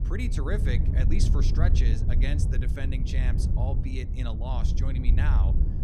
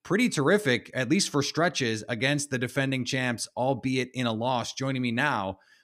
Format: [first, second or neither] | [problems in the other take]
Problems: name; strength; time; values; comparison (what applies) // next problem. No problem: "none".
second | wind noise on the microphone; heavy; 4 dB below the speech